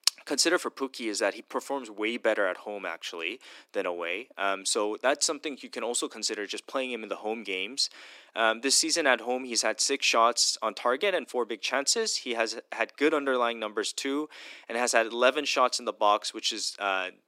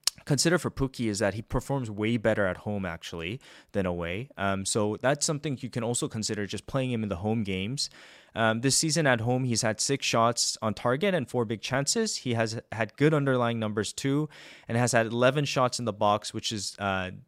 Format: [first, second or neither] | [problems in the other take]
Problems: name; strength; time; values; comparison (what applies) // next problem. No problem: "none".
second | thin; somewhat; fading below 300 Hz